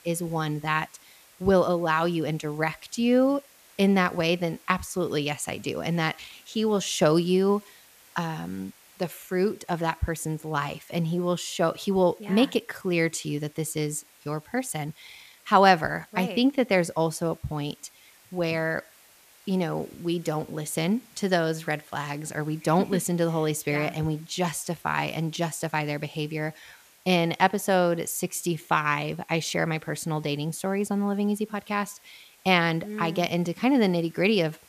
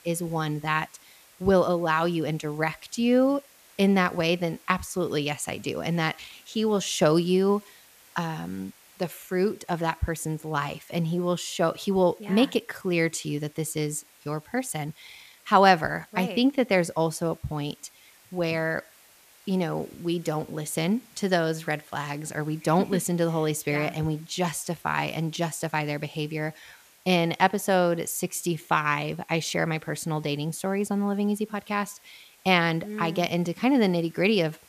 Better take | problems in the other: neither | hiss; faint; throughout; 25 dB below the speech; the same in both

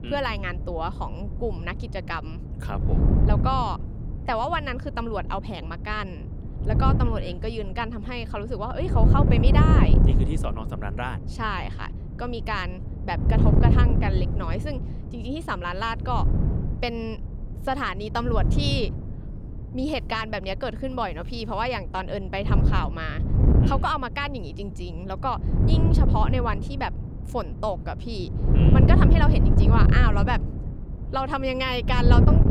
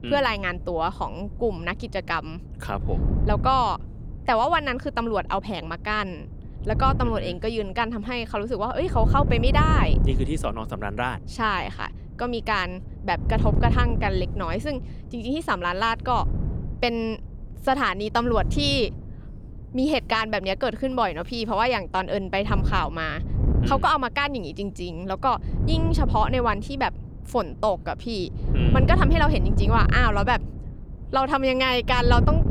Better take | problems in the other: second | wind noise on the microphone; heavy; 4 dB below the speech; occasional gusts in the second

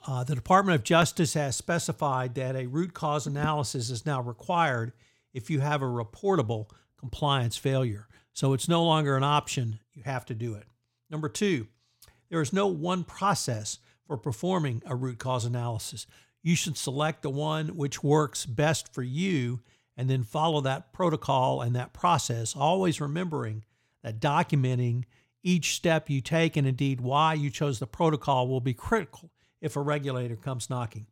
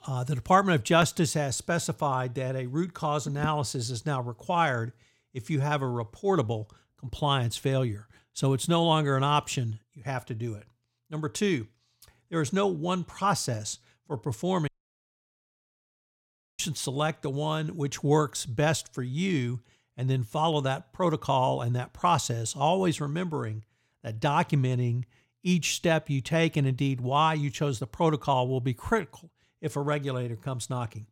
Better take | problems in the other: first | audio cutting out; at 15 s for 2 s

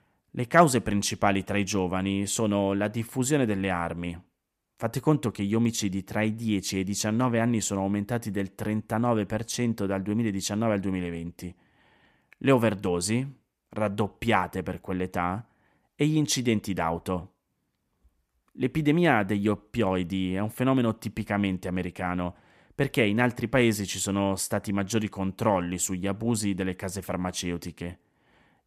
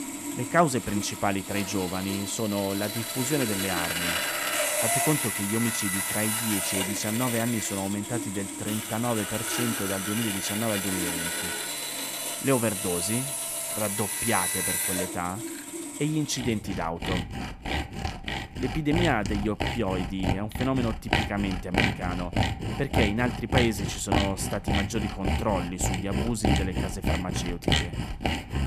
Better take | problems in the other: first | machinery noise; very loud; throughout; 1 dB above the speech

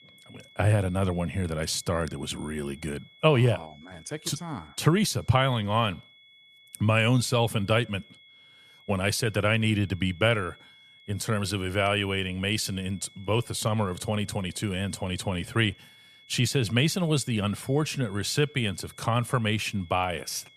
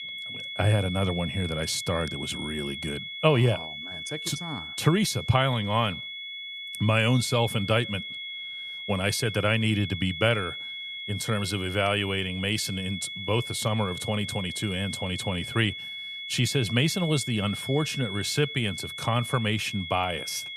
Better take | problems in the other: first | high-pitched whine; loud; throughout; 3.5 kHz, 7 dB below the speech; faint in the first

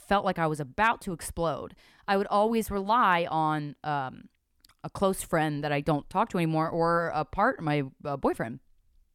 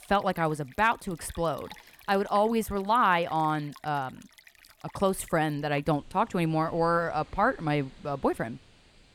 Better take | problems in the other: first | rain or running water; faint; throughout; 25 dB below the speech

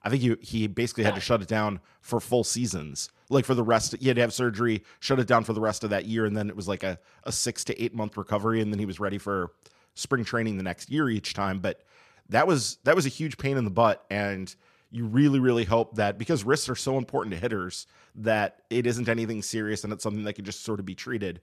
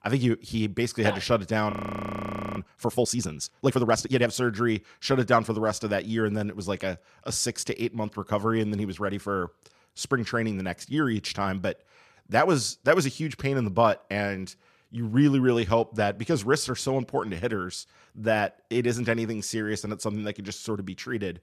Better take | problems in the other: first | audio freezing; at 1.5 s for 1 s

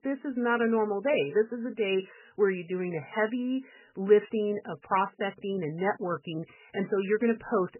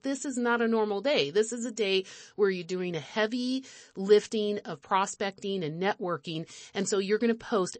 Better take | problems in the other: second | garbled, watery; badly; nothing above 3 kHz; slightly in the second

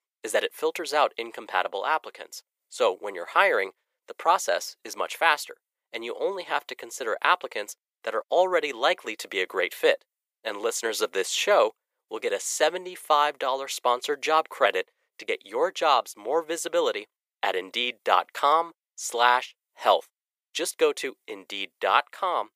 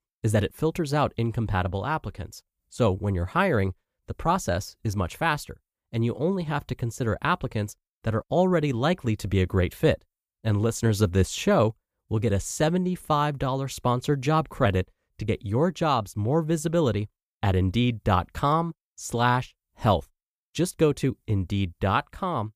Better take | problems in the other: second | thin; very; fading below 450 Hz

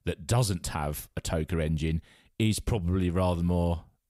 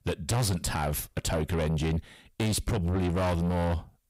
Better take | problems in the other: first | distortion; heavy; 7 dB below the speech

